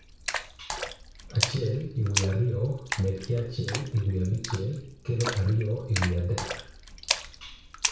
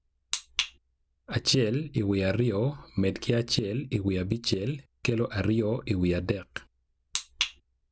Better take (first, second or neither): second